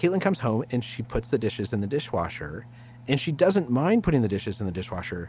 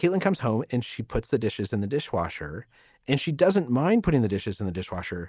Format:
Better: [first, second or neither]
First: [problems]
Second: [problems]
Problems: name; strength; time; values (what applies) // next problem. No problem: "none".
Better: second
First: background sound (Engine); 20 dB below the speech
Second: none